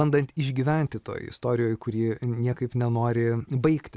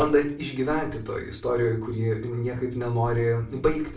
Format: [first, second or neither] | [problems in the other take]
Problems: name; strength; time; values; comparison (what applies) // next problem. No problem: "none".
first | room echo; dies away in 0.4 s